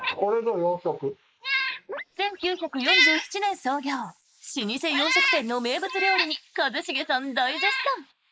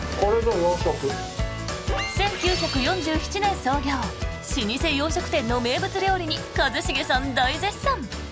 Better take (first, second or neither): second